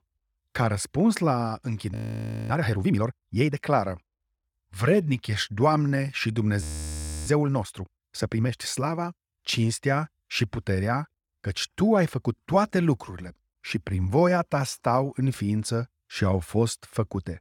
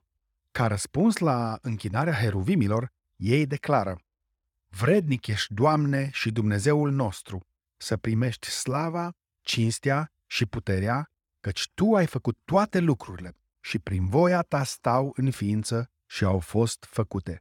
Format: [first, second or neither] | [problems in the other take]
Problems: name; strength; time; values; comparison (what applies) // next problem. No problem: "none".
second | audio freezing; at 2 s for 0.5 s and at 6.5 s for 0.5 s